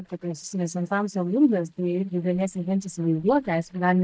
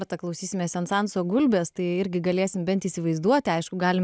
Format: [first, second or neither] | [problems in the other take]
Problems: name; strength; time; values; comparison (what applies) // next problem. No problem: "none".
second | noise reduction (neural mask model DeepFilterNet 3)